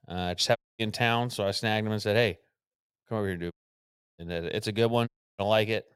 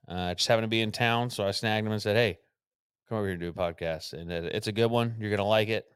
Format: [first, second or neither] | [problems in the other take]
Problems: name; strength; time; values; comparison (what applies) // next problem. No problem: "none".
second | audio cutting out; at 0.5 s, at 3.5 s for 0.5 s and at 5 s